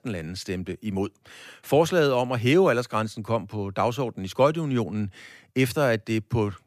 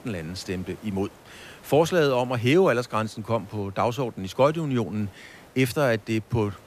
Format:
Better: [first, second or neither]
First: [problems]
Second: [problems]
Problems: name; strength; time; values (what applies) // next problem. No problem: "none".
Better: first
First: none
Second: hiss; faint; throughout; 25 dB below the speech